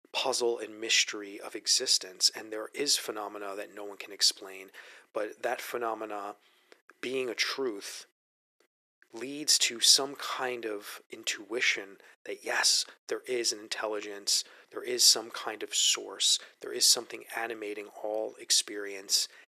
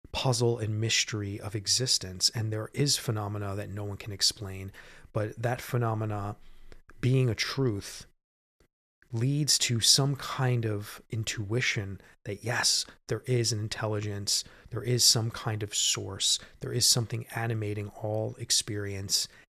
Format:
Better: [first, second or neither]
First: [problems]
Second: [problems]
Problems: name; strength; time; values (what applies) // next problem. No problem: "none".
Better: second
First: thin; very; fading below 350 Hz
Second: none